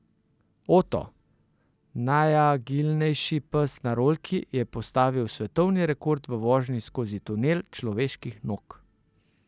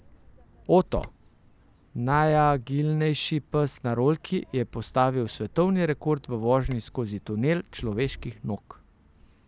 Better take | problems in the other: first | background sound (Bird vocalization, bird call, bird song); 18 dB below the speech

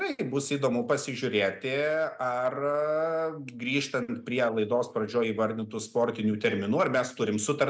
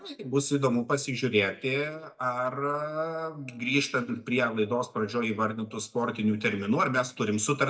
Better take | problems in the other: first | noise reduction (neural mask model DeepFilterNet 3)

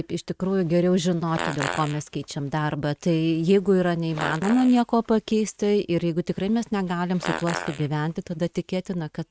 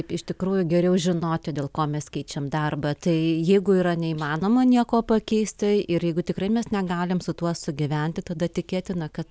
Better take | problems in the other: second | noise reduction (neural mask model RNNoise)

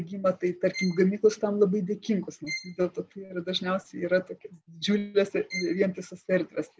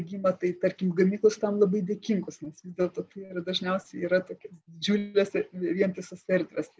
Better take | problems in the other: second | background sound (Bowed string instrument); 14 dB below the speech

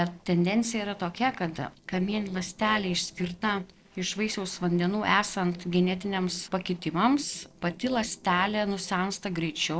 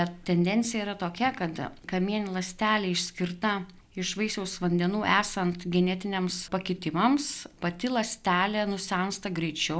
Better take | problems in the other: second | noise reduction (neural separator model SepFormer DNS4)

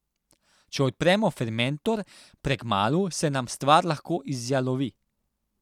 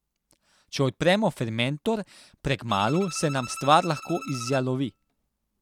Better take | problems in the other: first | background sound (Bowed string instrument); 14 dB below the speech

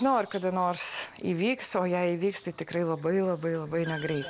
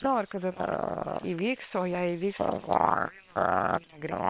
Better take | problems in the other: first | noise reduction (neural separator model SepFormer WHAM!)

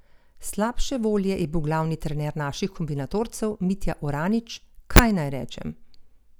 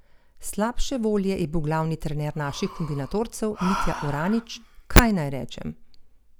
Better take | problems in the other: first | background sound (Breathing); 12 dB below the speech

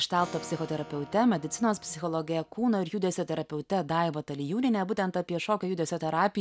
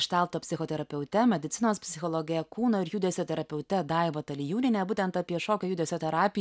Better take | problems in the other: second | background sound (Acoustic guitar / Strum); 18 dB below the speech

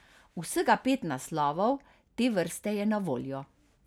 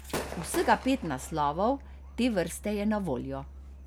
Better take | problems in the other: first | background sound (Musical instrument + Gunshot, gunfire / Fireworks); 11 dB below the speech

